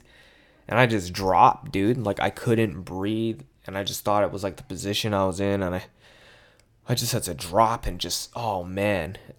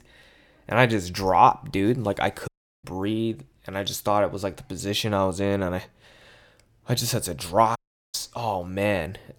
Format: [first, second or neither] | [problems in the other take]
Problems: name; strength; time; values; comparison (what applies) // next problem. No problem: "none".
first | audio cutting out; at 2.5 s and at 8 s